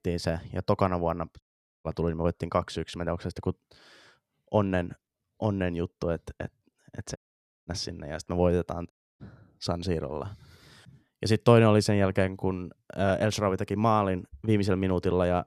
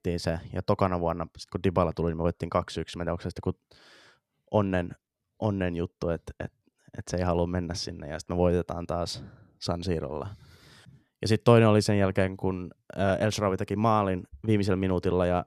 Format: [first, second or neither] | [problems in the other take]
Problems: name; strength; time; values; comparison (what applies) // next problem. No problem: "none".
second | audio cutting out; at 1.5 s, at 7 s for 0.5 s and at 9 s